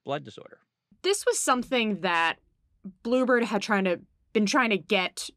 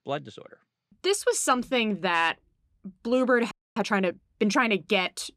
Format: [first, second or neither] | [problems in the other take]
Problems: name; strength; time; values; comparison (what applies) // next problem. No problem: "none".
first | audio freezing; at 3.5 s